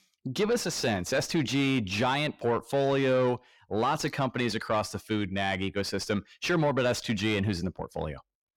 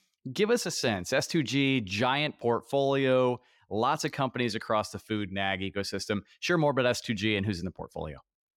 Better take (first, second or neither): second